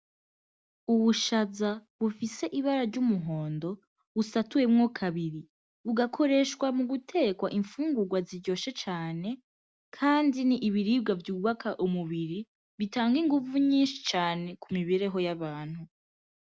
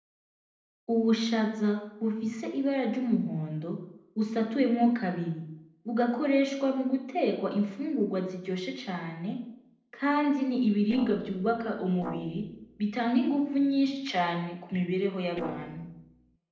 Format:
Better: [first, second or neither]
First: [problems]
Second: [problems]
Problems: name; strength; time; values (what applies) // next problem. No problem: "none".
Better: first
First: none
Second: noise reduction (neural separator model SepFormer DNS4)